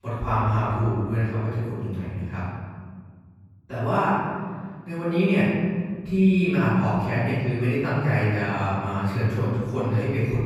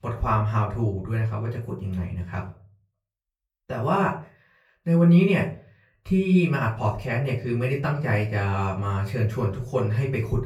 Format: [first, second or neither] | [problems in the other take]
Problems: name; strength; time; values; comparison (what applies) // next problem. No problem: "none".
second | room echo; strong; dies away in 2 s; slight in the second // off-mic speech; far; far in the second